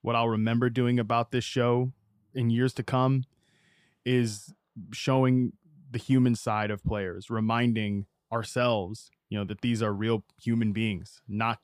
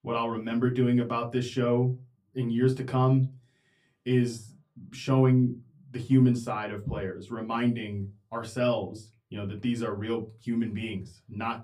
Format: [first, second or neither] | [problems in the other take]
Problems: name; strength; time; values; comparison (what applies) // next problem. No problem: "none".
first | off-mic speech; far // room echo; very slight; dies away in 0.2 s